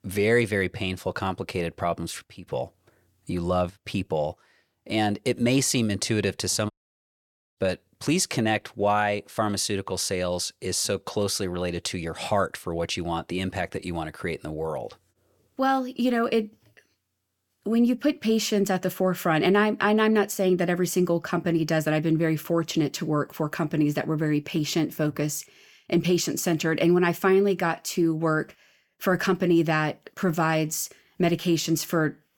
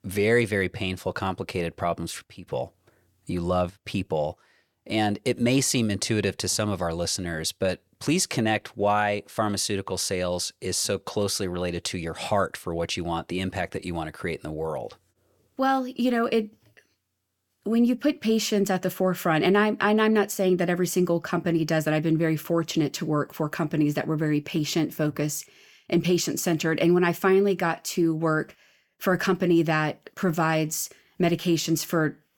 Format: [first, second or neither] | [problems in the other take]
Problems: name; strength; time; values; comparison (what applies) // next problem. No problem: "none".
second | audio cutting out; at 6.5 s for 1 s